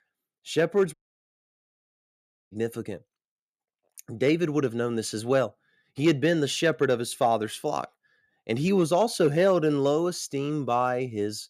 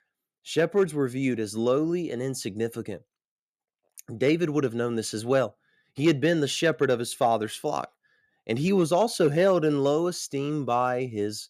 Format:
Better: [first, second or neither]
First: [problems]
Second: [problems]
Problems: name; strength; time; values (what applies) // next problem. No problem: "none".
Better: second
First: audio cutting out; at 1 s for 1.5 s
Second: none